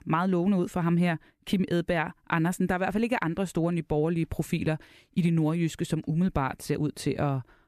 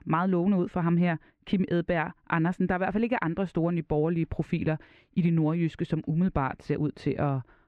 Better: first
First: none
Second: muffled; slightly; fading above 2.5 kHz

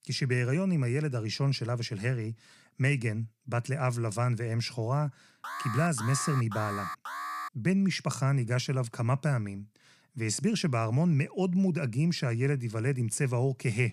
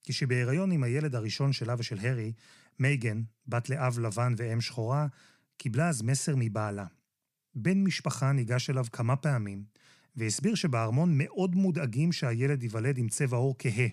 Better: second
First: alarm; noticeable; from 5.5 to 7.5 s; peak 6 dB below the speech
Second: none

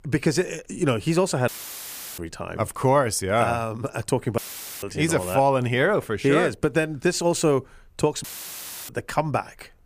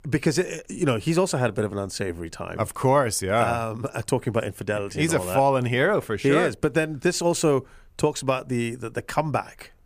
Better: second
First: audio cutting out; filled with static; at 1.5 s for 0.5 s, at 4.5 s and at 8 s for 0.5 s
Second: none

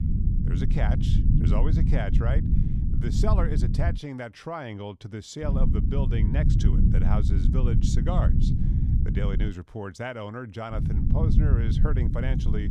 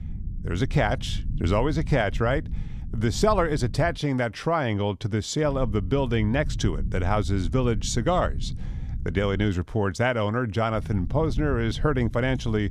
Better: second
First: low rumble; loud; until 4 s, from 5.5 to 9.5 s and from 11 s on; 2 dB below the speech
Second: low rumble; faint; until 4 s, from 5.5 to 9.5 s and from 11 s on; 20 dB below the speech

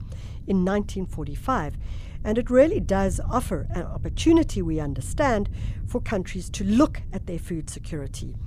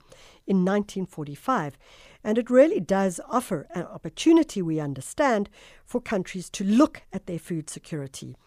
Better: second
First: wind noise on the microphone; occasional gusts; 25 dB below the speech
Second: none

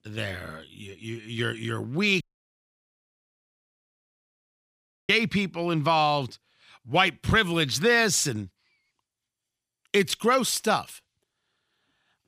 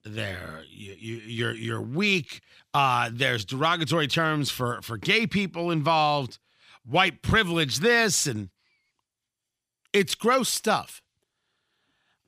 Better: second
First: audio cutting out; at 2 s for 3 s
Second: none

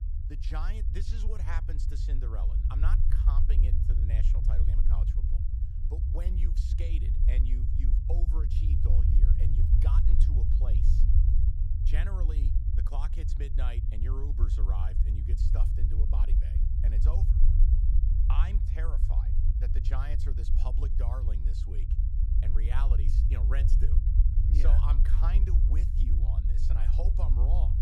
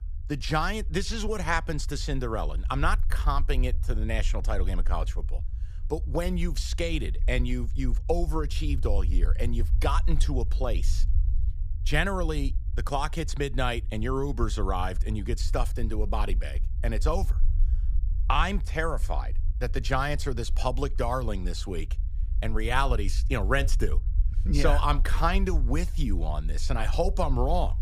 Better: second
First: low rumble; loud; throughout; 1 dB below the speech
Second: low rumble; faint; throughout; 20 dB below the speech

